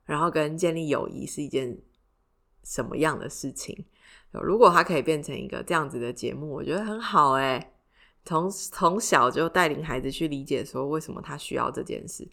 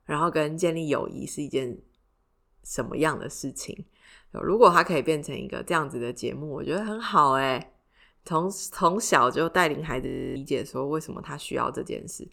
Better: first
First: none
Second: audio freezing; at 10 s

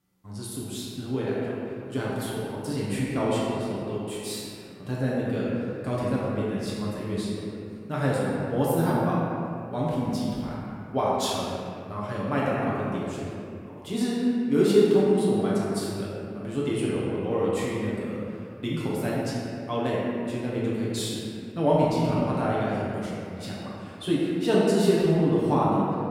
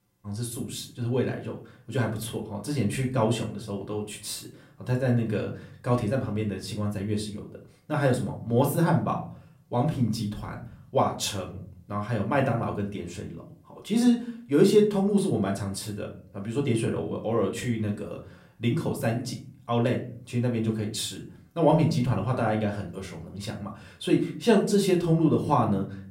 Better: second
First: room echo; strong; dies away in 2.1 s // off-mic speech; far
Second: room echo; slight; dies away in 0.5 s // off-mic speech; somewhat distant

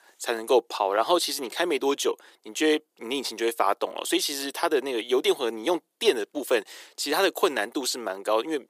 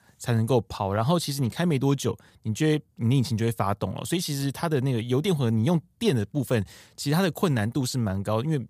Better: second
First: thin; very; fading below 350 Hz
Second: none

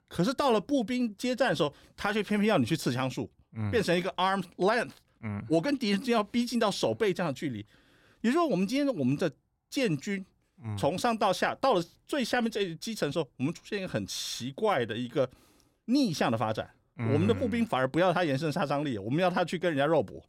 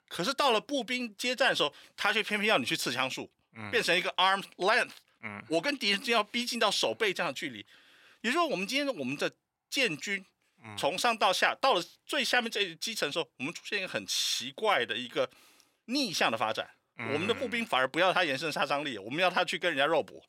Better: first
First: none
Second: thin; somewhat; fading below 900 Hz

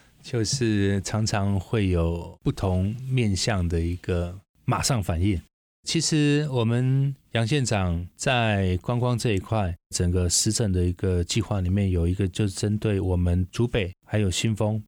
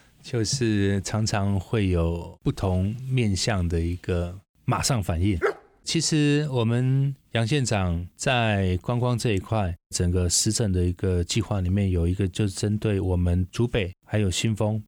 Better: first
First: none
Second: dog barking; noticeable; at 5.5 s; peak 3 dB below the speech

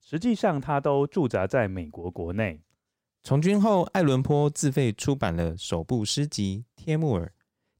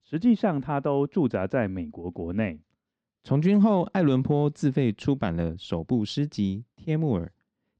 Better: first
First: none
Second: muffled; slightly; fading above 4 kHz

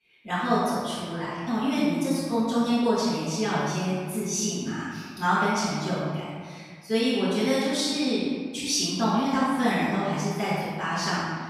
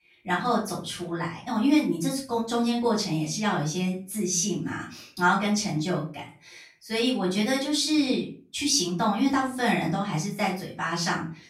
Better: second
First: room echo; strong; dies away in 1.8 s // off-mic speech; far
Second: room echo; slight; dies away in 0.4 s // off-mic speech; far

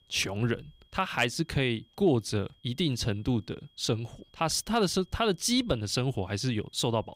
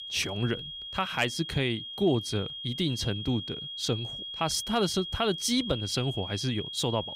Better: first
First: high-pitched whine; faint; throughout; 3.5 kHz, 35 dB below the speech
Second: high-pitched whine; loud; throughout; 3.5 kHz, 6 dB below the speech

